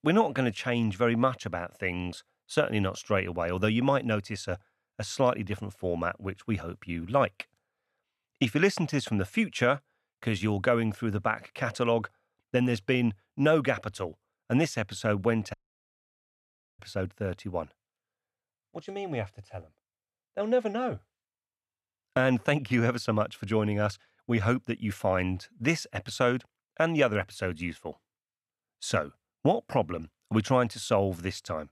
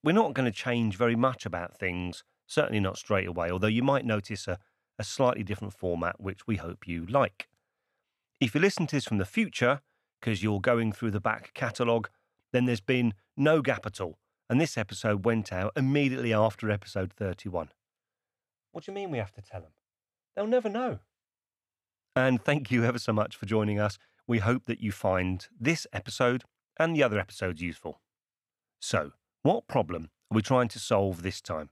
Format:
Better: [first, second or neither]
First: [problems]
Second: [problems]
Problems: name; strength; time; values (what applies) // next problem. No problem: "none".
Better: second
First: audio cutting out; at 16 s for 1.5 s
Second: none